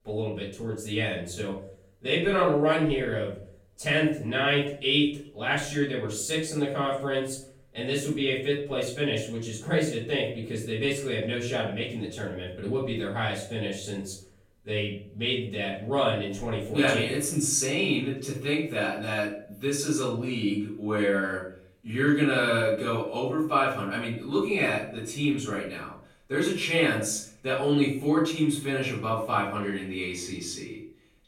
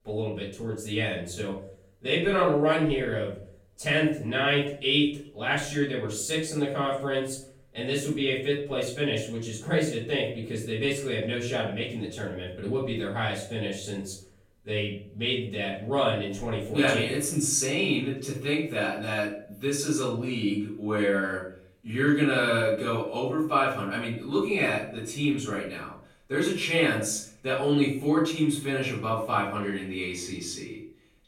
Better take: neither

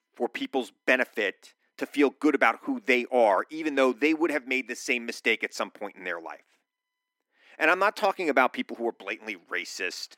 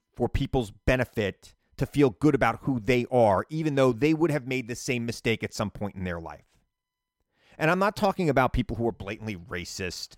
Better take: second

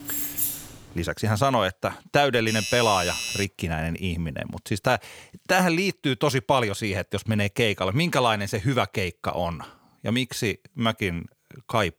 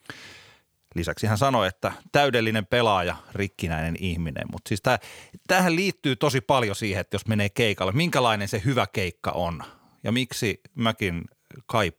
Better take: second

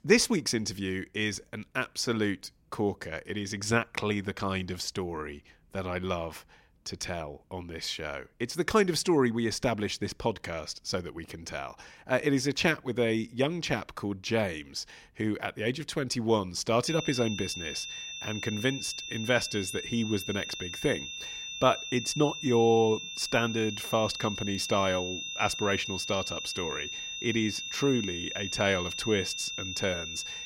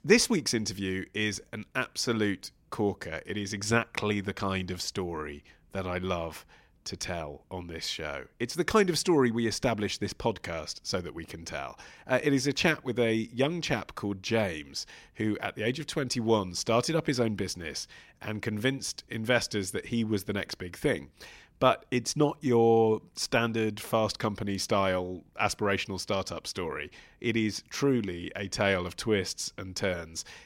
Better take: second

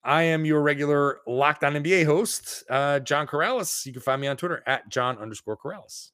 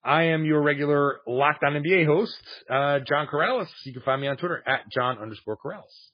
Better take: first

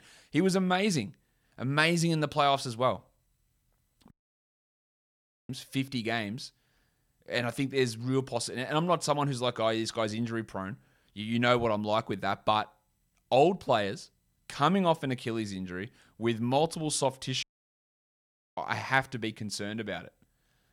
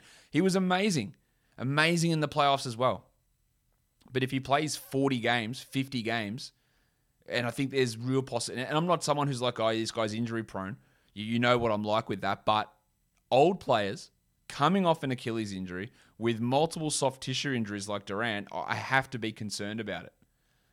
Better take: second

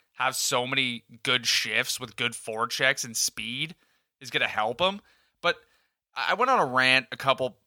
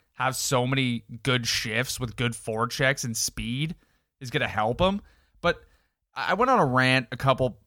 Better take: second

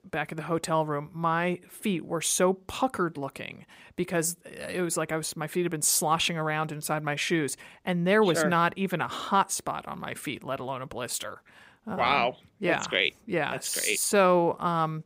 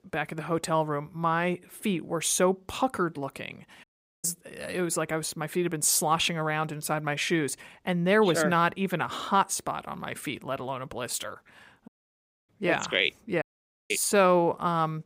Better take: first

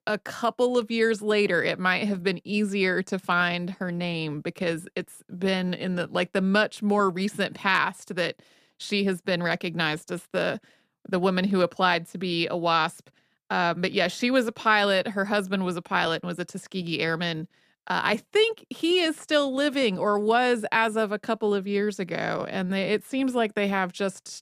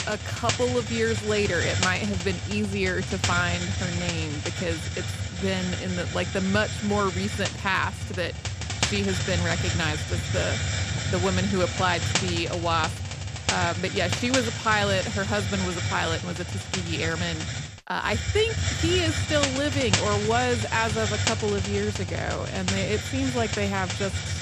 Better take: first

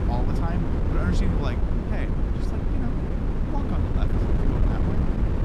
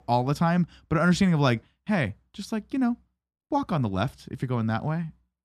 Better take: second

